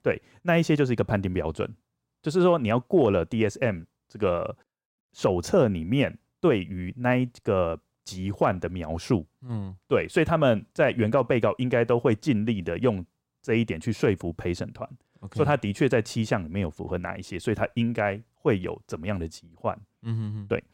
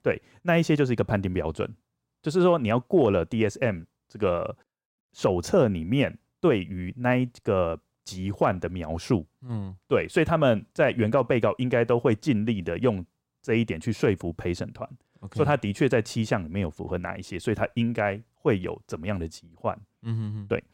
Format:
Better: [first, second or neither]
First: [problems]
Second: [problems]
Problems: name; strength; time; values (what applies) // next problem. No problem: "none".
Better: neither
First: none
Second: none